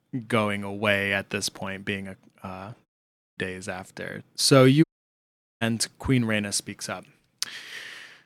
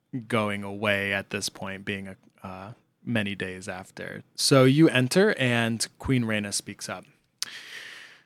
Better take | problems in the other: second | audio cutting out; at 3 s for 0.5 s and at 5 s for 1 s

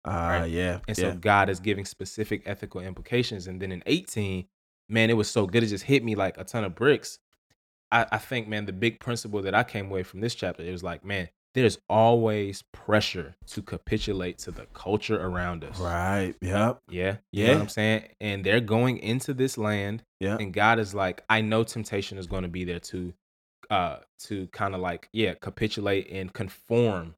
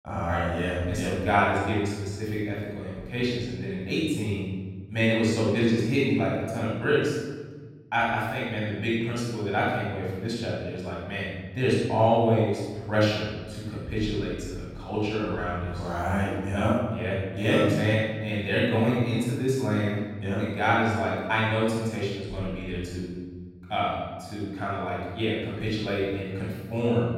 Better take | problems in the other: first | off-mic speech; far // room echo; strong; dies away in 1.4 s

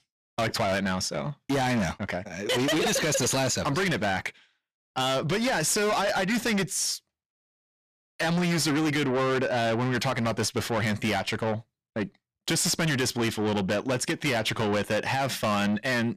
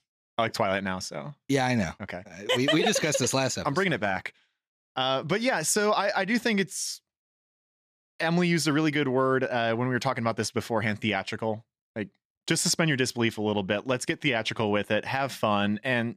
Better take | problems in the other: second | distortion; heavy; 6 dB below the speech

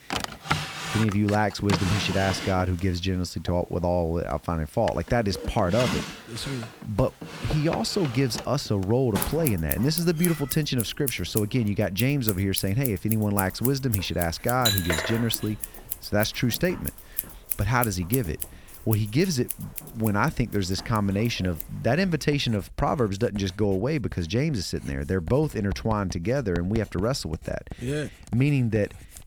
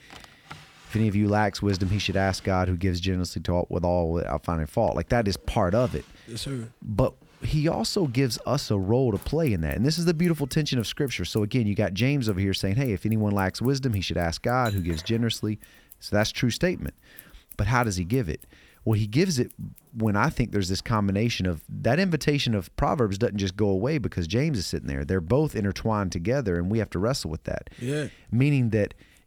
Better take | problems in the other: second | household noises; loud; throughout; 6 dB below the speech; faint in the second

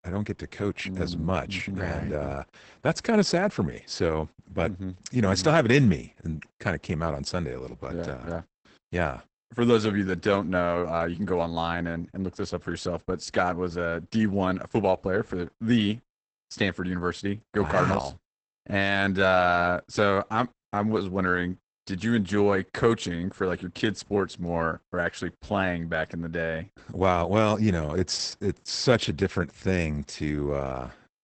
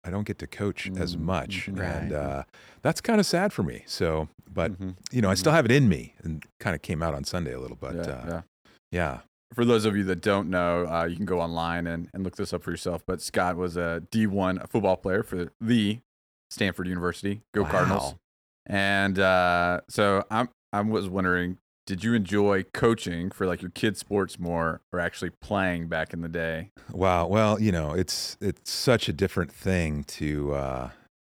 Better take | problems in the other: second | garbled, watery; badly; nothing above 8 kHz

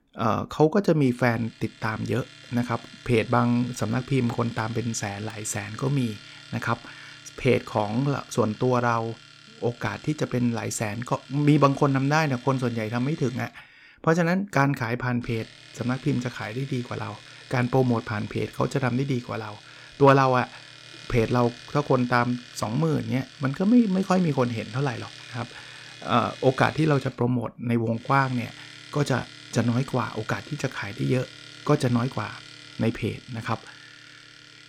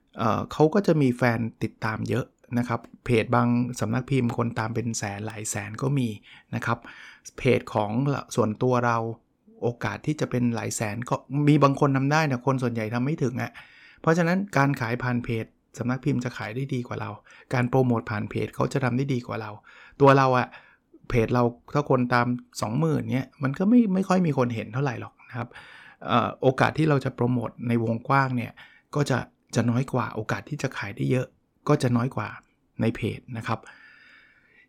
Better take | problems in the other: second | household noises; noticeable; throughout; 20 dB below the speech

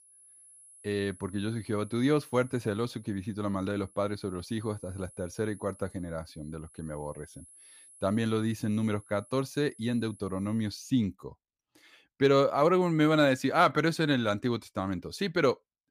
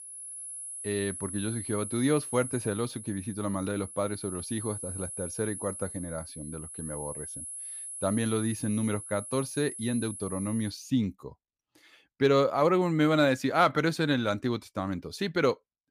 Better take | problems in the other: first | high-pitched whine; loud; until 11 s; 10.5 kHz, 9 dB below the speech; faint in the first

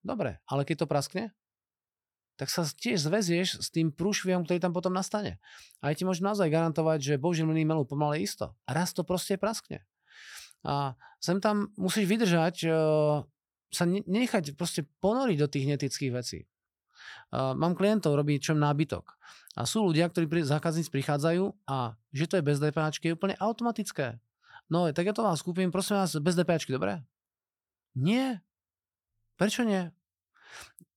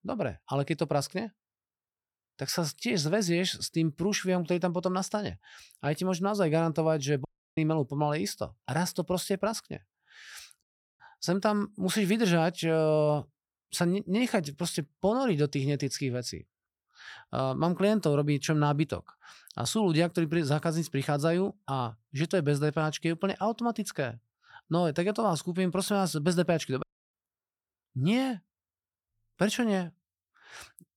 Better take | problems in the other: first | audio cutting out; at 7.5 s, at 11 s and at 27 s

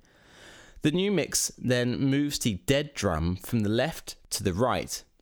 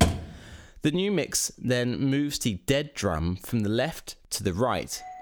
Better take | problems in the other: first | door banging; loud; at the start; peak 2 dB above the speech // doorbell; very faint; at 5 s; peak 15 dB below the speech

